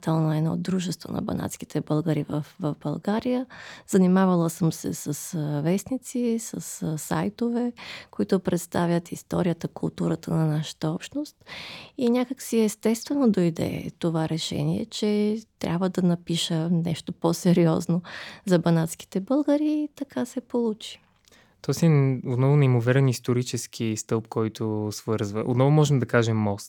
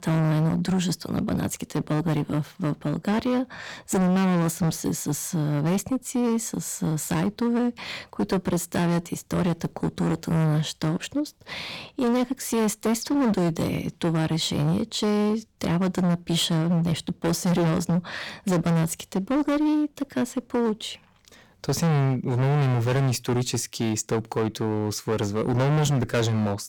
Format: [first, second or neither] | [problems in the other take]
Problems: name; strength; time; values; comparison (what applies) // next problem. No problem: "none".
first | distortion; heavy; 18% of the sound clipped